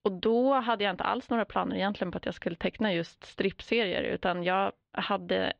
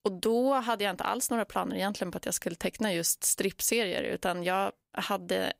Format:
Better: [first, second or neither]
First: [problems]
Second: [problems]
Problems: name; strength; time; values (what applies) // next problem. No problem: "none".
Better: second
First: muffled; very; fading above 3.5 kHz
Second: none